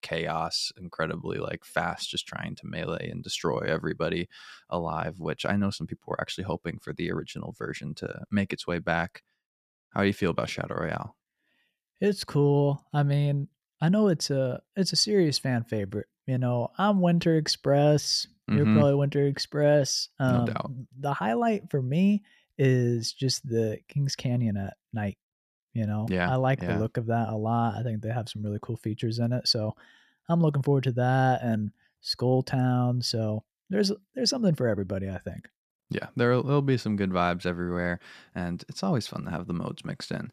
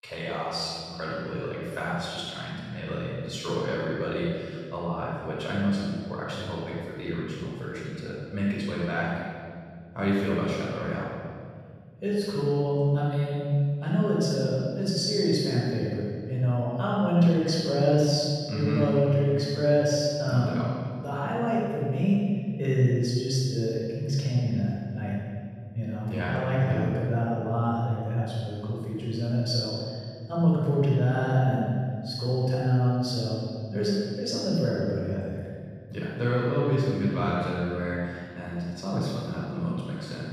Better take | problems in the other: first | off-mic speech; far // room echo; strong; dies away in 2 s

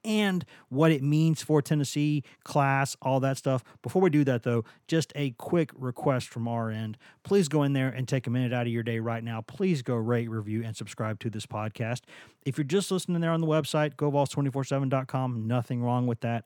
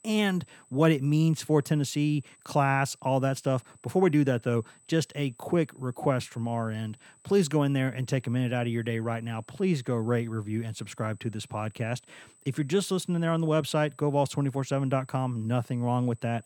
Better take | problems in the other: first | high-pitched whine; faint; throughout; 8 kHz, 30 dB below the speech

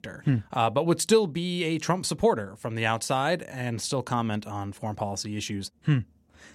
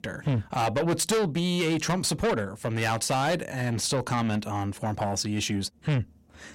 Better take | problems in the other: first | distortion; heavy; 6 dB below the speech

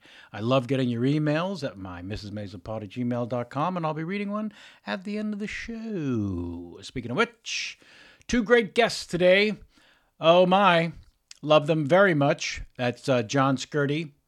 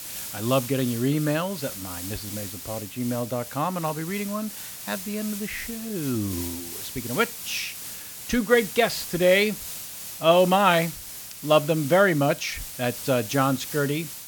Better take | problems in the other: first | hiss; loud; throughout; 10 dB below the speech

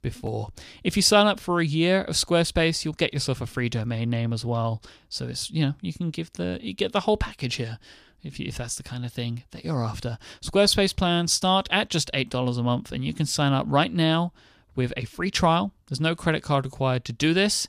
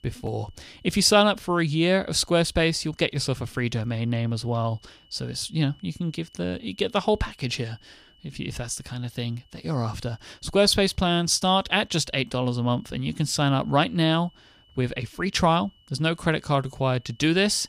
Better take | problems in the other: first | high-pitched whine; faint; throughout; 3 kHz, 35 dB below the speech

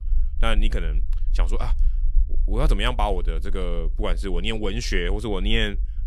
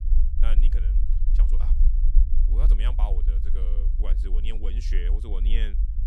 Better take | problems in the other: first | low rumble; loud; throughout; 6 dB below the speech; faint in the first

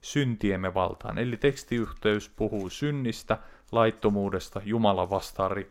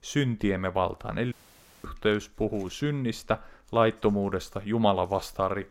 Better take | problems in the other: first | audio cutting out; at 1.5 s for 0.5 s

